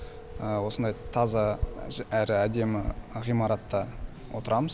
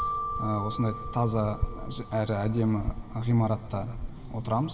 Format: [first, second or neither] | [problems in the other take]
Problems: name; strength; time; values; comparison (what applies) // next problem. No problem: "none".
first | background sound (Marimba, xylophone); 11 dB below the speech // room echo; dies away in 2.4 s